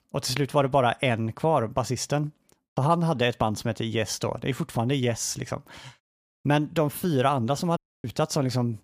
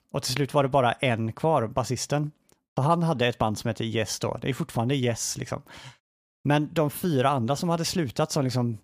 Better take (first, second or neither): second